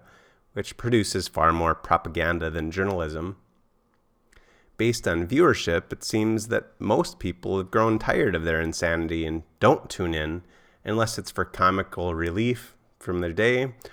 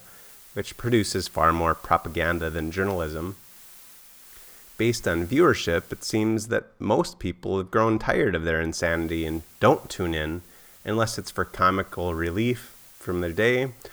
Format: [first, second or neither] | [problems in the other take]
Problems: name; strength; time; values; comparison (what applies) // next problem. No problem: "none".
first | hiss; faint; until 6.5 s and from 9 s on; 20 dB below the speech